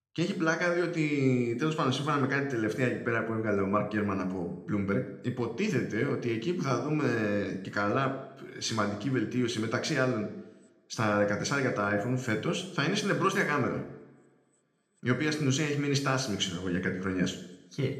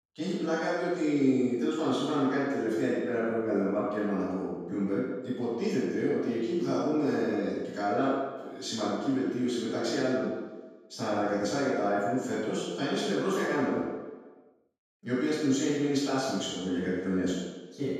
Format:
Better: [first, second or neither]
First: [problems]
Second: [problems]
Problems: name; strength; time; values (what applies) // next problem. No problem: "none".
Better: first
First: room echo; slight; dies away in 0.7 s // off-mic speech; somewhat distant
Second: room echo; strong; dies away in 1.1 s // off-mic speech; far